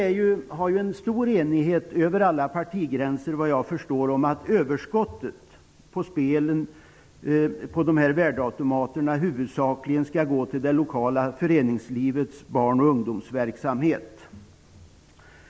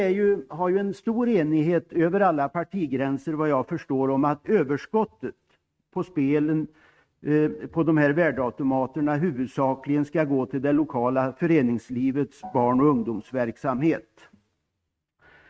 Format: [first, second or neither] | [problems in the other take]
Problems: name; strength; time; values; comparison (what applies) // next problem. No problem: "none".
first | noise reduction (neural mask model RNNoise)